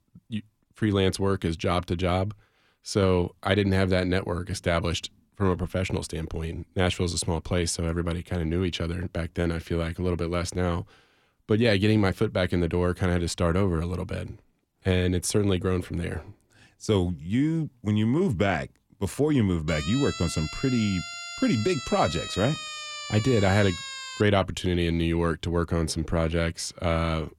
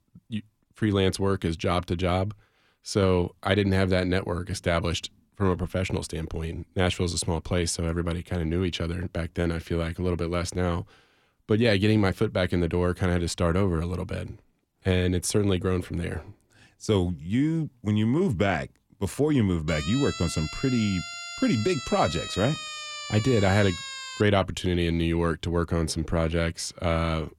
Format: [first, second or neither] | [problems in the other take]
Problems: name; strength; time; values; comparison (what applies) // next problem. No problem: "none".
neither | siren; noticeable; from 20 to 24 s; peak 7 dB below the speech; the same in both